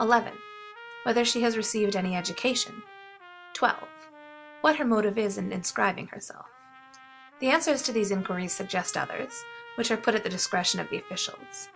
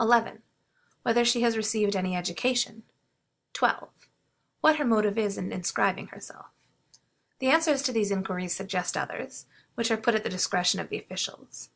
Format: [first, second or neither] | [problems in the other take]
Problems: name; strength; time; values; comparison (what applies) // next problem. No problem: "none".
second | background sound (Trumpet); 18 dB below the speech